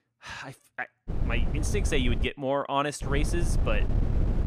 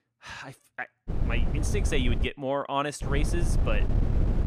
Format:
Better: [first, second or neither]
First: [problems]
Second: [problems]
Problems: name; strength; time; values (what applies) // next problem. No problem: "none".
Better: first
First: wind noise on the microphone; occasional gusts; from 1 to 2.5 s and from 3 s on; 10 dB below the speech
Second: wind noise on the microphone; heavy; from 1 to 2.5 s and from 3 s on; 8 dB below the speech